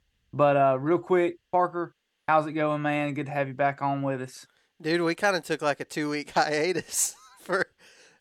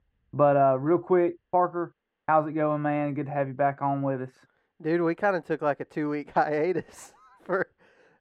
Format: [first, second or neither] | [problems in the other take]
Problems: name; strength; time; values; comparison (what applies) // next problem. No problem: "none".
first | muffled; very; fading above 3 kHz